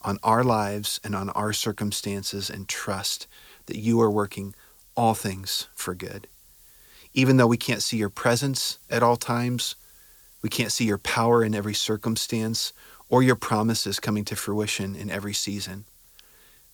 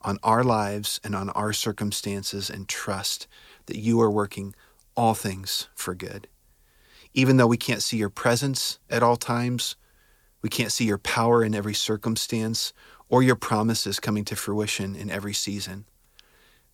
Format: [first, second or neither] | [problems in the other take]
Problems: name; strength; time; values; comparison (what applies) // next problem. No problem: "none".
second | hiss; faint; throughout; 25 dB below the speech